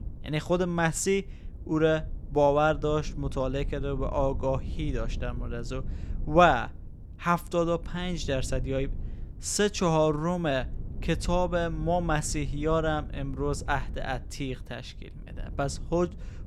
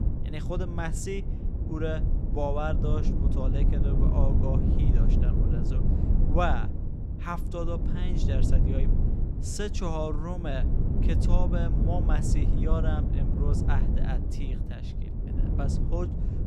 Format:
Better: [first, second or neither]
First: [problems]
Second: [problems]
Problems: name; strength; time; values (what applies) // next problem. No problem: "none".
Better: first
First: low rumble; faint; throughout; 25 dB below the speech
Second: low rumble; loud; throughout; 4 dB below the speech